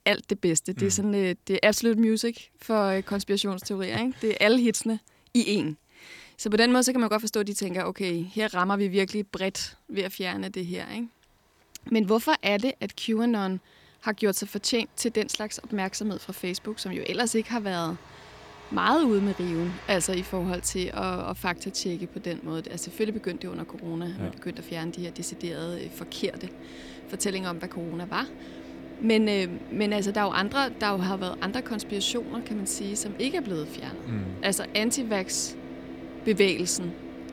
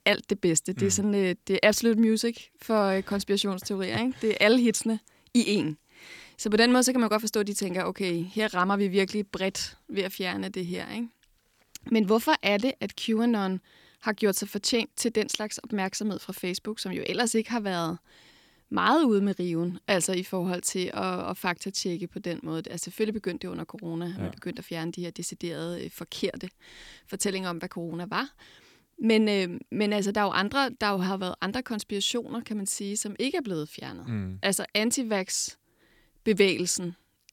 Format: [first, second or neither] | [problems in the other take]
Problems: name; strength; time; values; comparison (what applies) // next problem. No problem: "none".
second | traffic noise; noticeable; throughout; 15 dB below the speech